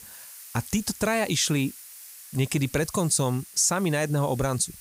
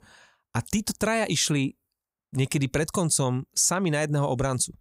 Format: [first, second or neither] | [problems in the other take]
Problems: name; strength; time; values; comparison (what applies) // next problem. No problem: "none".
second | hiss; noticeable; throughout; 15 dB below the speech